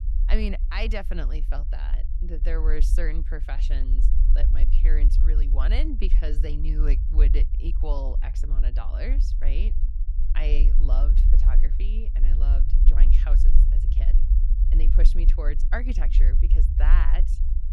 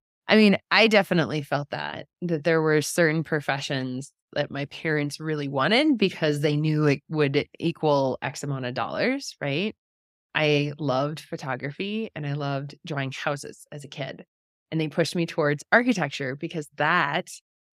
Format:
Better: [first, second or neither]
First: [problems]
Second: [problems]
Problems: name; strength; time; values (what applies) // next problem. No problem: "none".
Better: second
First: low rumble; loud; throughout; 9 dB below the speech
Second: none